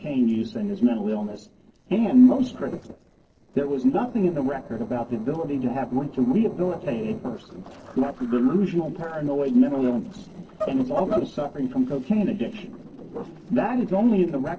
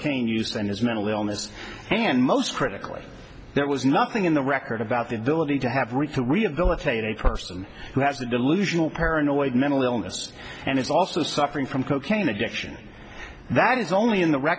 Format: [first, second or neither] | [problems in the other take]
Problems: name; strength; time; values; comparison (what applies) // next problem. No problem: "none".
second | noise reduction (neural separator model SepFormer DNS4)